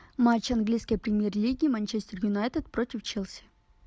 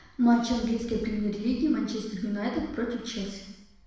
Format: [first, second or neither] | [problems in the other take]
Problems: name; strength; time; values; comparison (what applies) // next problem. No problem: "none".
first | room echo; dies away in 0.9 s